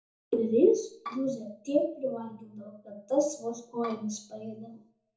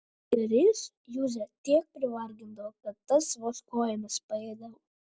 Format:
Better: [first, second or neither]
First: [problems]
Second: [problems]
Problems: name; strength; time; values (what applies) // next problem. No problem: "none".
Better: second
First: background sound (Bowed string instrument); 12 dB below the speech // room echo; dies away in 0.6 s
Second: none